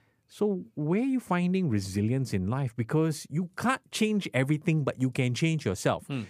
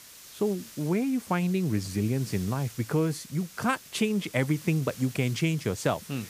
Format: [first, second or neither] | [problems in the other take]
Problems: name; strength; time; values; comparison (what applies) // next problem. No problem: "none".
first | hiss; noticeable; throughout; 15 dB below the speech